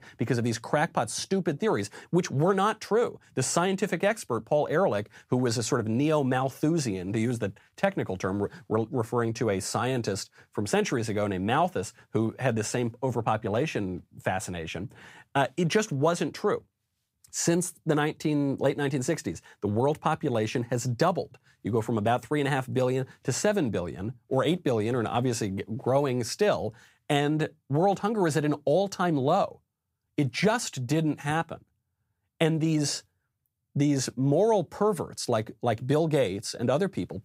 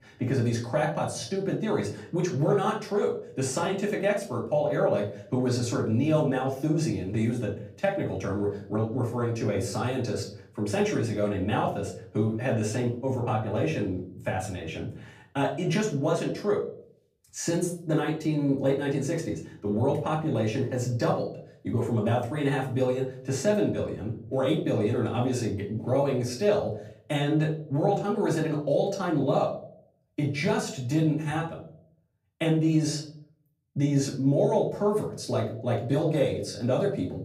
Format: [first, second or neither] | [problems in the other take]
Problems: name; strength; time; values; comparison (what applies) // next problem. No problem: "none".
first | off-mic speech; far // room echo; slight; dies away in 0.5 s